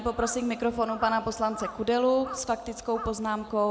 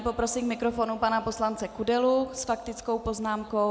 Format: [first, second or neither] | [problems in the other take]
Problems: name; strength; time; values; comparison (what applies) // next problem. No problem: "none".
second | background sound (Crow); 15 dB below the speech